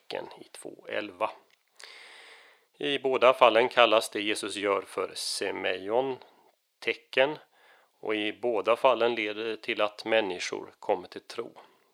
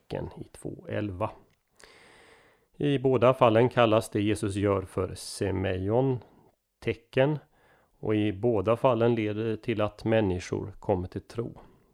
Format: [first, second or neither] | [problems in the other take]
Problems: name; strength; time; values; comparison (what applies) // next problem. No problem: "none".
second | thin; somewhat; fading below 550 Hz